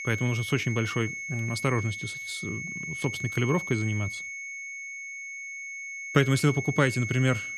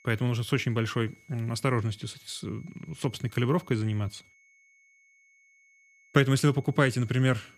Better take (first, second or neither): second